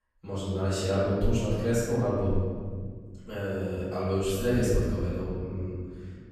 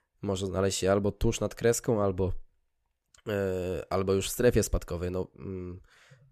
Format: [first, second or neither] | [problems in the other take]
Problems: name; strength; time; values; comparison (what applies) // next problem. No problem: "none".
second | room echo; strong; dies away in 2.1 s // off-mic speech; far